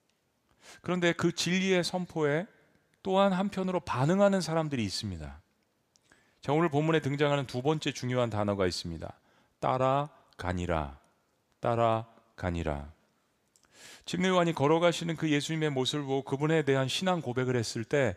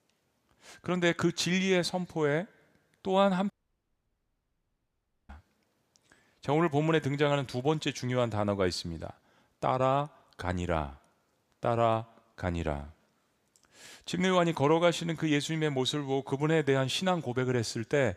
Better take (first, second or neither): first